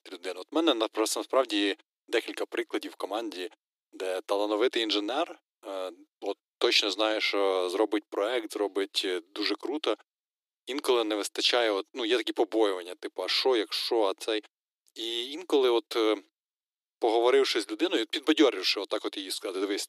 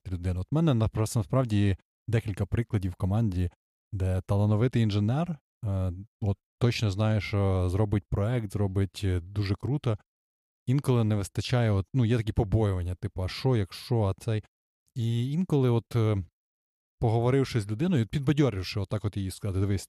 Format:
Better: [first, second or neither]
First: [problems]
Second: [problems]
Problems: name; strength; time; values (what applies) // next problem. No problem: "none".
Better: second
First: thin; very; fading below 300 Hz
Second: none